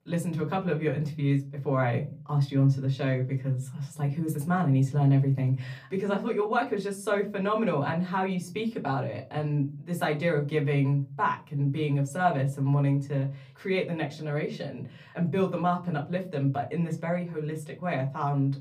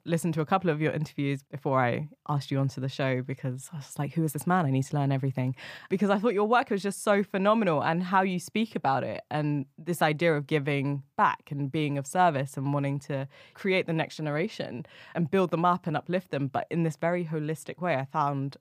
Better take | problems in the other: second | off-mic speech; far // room echo; very slight; dies away in 0.3 s

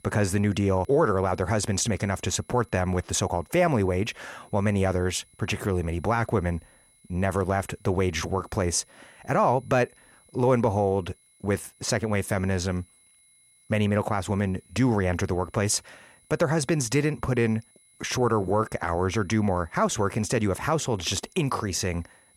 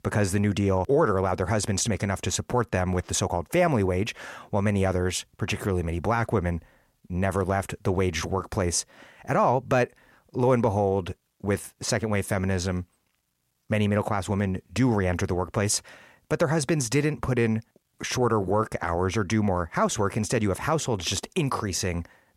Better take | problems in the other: second | high-pitched whine; faint; throughout; 10.5 kHz, 30 dB below the speech

